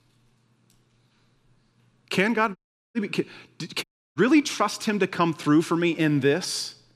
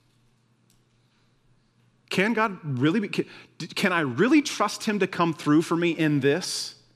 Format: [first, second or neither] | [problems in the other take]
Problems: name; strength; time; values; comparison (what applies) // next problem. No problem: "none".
second | audio cutting out; at 2.5 s and at 4 s